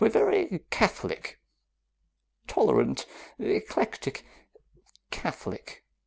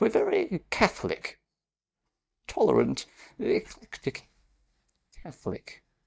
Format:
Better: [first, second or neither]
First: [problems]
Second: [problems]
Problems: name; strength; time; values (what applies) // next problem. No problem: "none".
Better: first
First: none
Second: noise reduction (neural mask model DeepFilterNet 3)